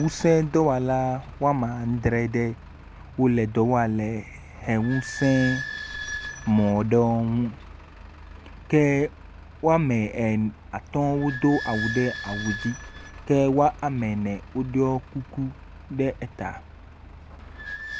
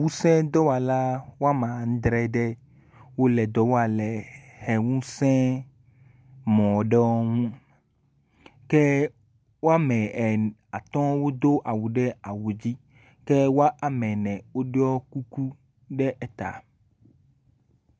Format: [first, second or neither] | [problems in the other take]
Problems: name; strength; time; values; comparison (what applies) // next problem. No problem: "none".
second | background sound (Squeak / Idling); 13 dB below the speech